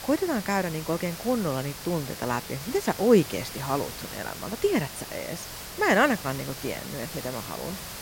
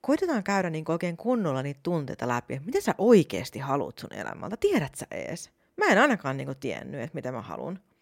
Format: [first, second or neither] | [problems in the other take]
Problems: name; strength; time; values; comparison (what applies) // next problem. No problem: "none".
second | hiss; loud; throughout; 9 dB below the speech